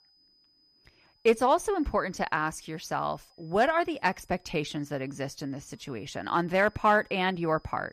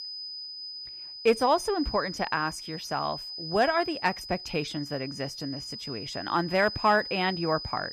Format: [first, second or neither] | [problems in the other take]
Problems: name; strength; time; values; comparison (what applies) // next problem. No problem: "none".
first | high-pitched whine; loud; throughout; 5 kHz, 9 dB below the speech; faint in the first